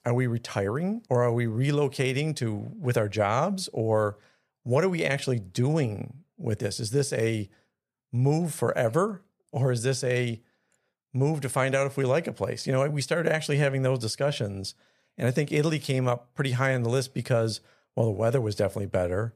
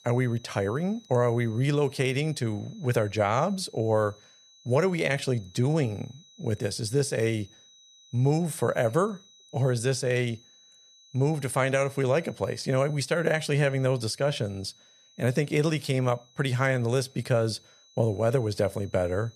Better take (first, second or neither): first